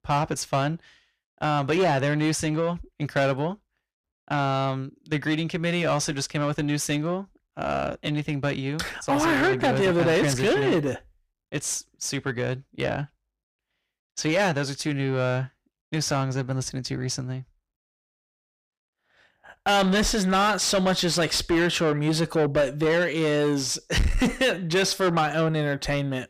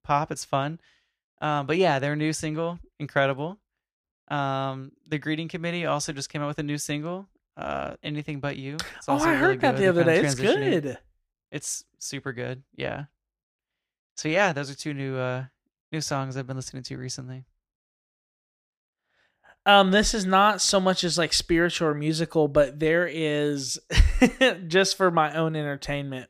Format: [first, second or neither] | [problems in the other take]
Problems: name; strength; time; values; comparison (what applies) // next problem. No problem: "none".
second | distortion; heavy; 7 dB below the speech